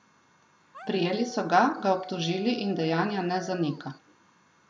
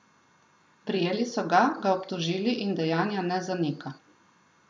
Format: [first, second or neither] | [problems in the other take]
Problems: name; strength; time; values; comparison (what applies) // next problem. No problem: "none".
second | background sound (Dog); 16 dB below the speech